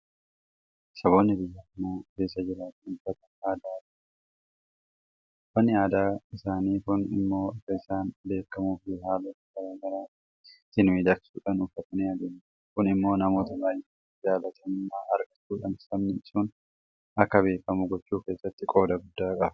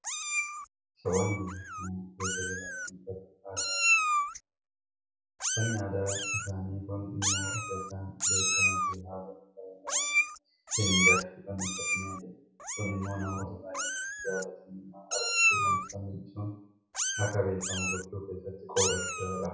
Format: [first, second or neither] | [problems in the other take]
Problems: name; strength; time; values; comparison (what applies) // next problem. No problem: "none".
first | background sound (Meow); 4 dB above the speech // room echo; dies away in 0.6 s